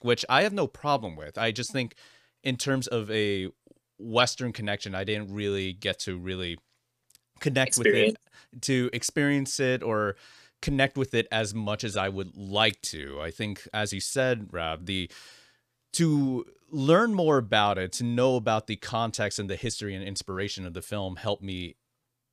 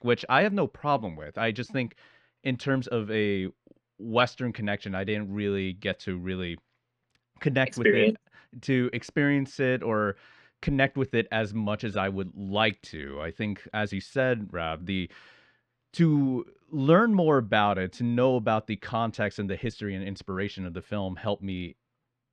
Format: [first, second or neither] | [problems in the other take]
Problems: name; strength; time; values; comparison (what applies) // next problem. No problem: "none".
first | muffled; slightly; fading above 2.5 kHz